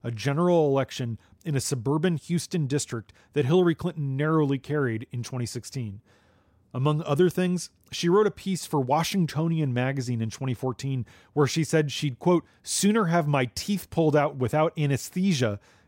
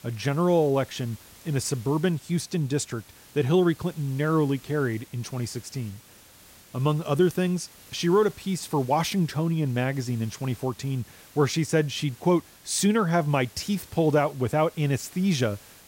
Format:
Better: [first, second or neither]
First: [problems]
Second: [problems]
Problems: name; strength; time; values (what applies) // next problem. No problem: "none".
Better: first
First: none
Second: hiss; faint; throughout; 25 dB below the speech